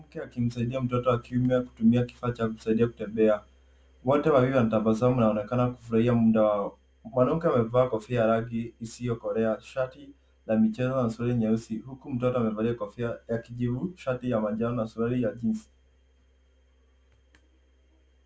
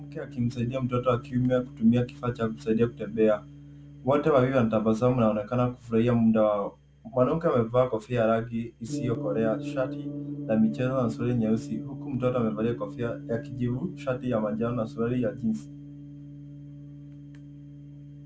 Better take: first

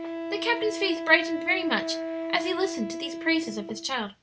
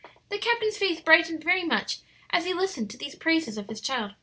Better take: second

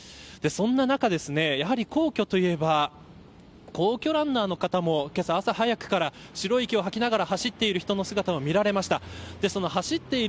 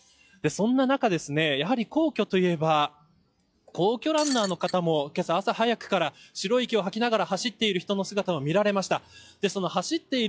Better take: first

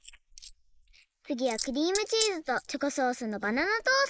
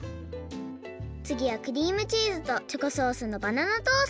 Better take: second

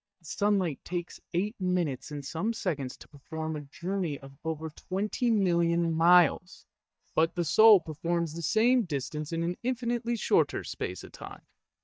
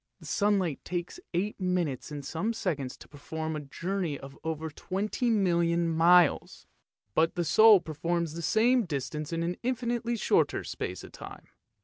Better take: second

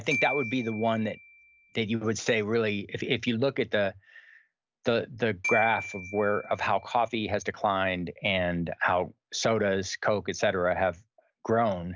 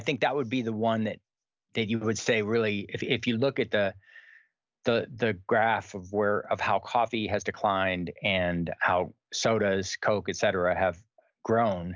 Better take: second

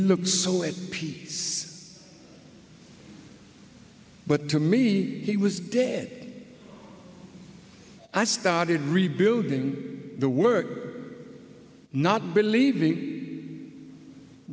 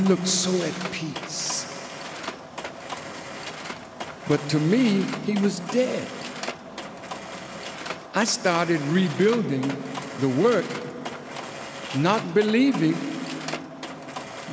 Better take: first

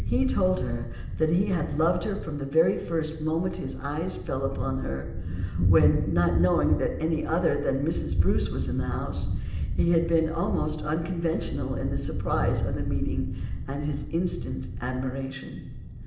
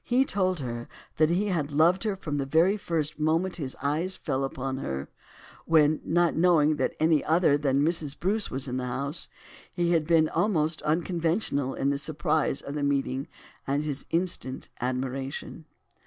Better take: second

